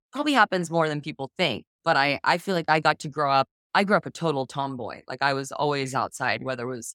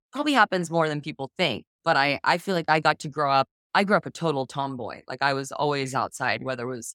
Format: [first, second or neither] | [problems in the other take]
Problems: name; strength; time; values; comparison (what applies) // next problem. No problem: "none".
neither | none